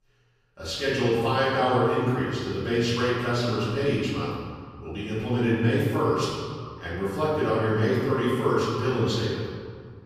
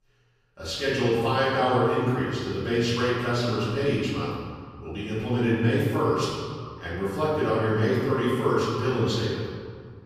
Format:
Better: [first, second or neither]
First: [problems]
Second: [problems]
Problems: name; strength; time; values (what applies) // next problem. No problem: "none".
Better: neither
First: off-mic speech; far // room echo; strong; dies away in 1.8 s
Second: off-mic speech; far // room echo; strong; dies away in 1.8 s